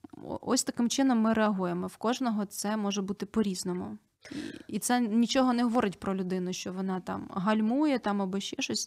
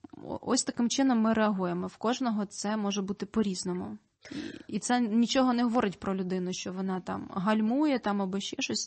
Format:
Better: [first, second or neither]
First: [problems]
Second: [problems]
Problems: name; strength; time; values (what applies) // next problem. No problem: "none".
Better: first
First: none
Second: garbled, watery; slightly; nothing above 8 kHz